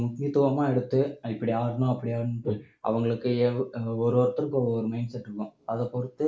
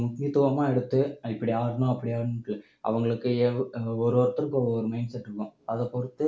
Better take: second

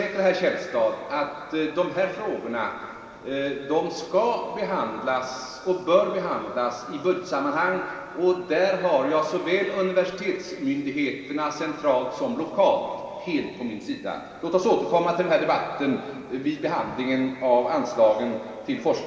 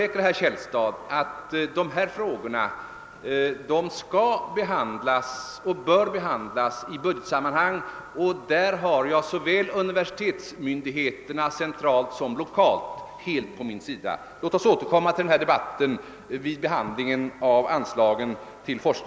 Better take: second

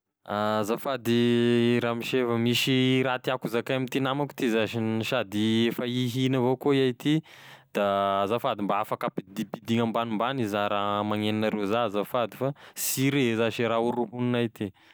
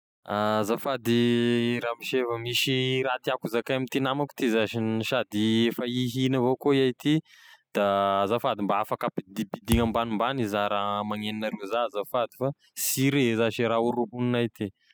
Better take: first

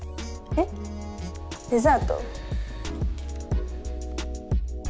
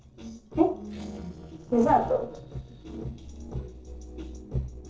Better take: first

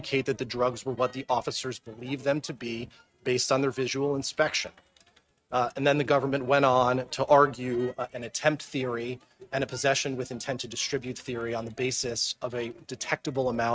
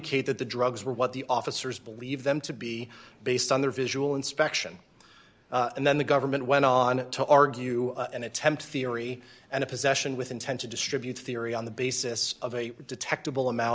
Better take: second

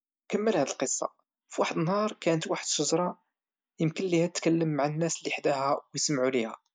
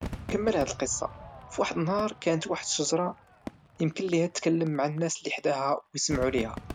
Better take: first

